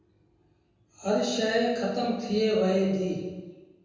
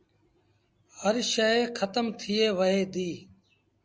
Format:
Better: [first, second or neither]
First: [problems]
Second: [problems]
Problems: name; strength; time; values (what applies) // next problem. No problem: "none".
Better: second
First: room echo; dies away in 1.2 s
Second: none